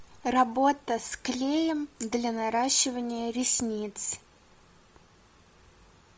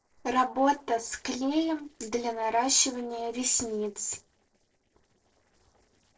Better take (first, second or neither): first